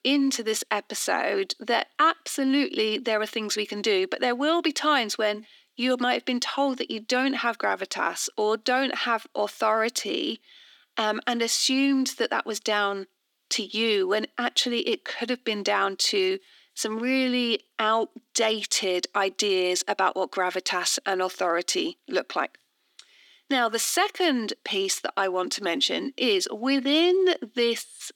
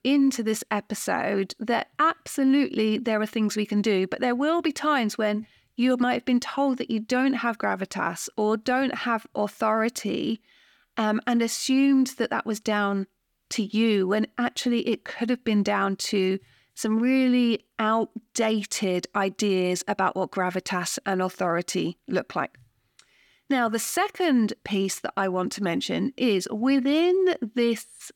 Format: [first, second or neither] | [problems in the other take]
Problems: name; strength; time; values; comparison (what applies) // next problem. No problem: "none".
second | thin; very slightly; fading below 300 Hz